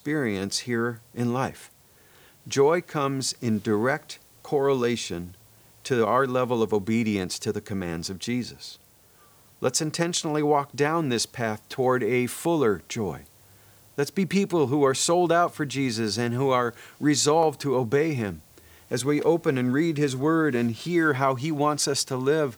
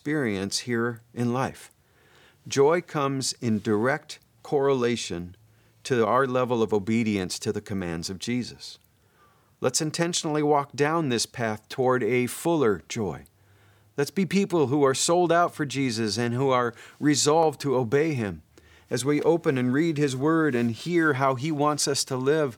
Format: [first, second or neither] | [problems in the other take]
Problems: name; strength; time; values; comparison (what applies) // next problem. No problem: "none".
second | hiss; faint; throughout; 30 dB below the speech